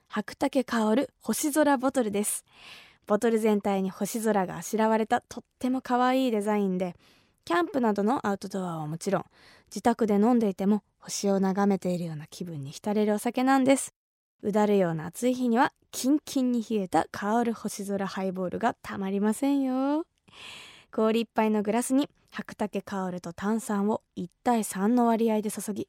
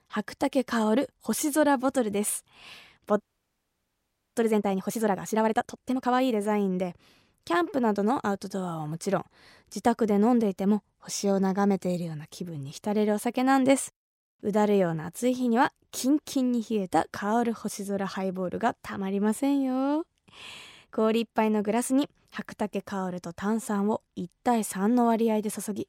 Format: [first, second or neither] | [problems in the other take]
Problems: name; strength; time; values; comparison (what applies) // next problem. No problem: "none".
first | audio freezing; at 3 s for 1 s